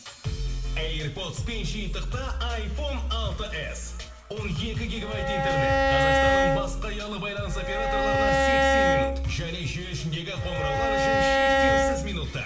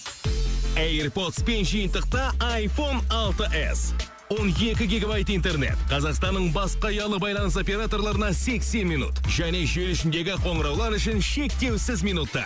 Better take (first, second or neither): second